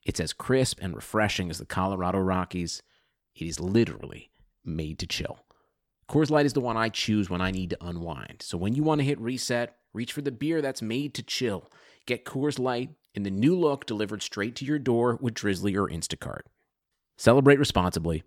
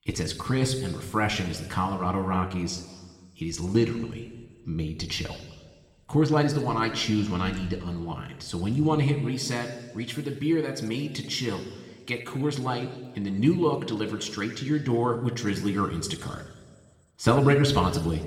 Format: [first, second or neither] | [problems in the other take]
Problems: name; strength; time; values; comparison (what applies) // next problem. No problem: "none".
first | room echo; slight; dies away in 1.3 s // off-mic speech; somewhat distant